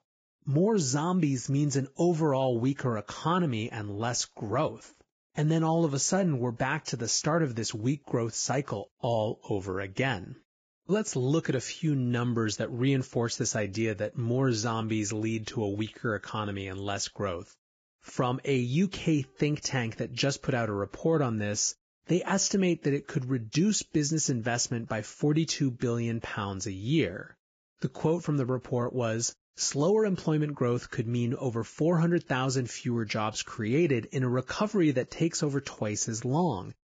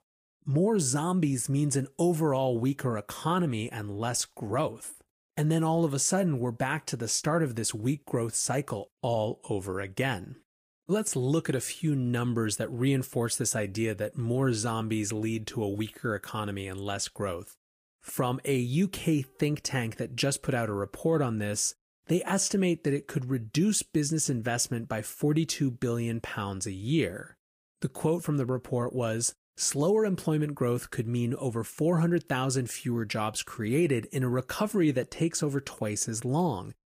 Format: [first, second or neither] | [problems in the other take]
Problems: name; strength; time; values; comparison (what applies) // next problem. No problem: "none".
second | garbled, watery; badly; nothing above 7.5 kHz; slightly in the second